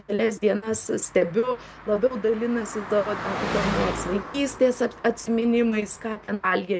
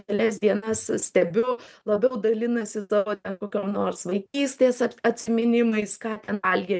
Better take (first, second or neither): second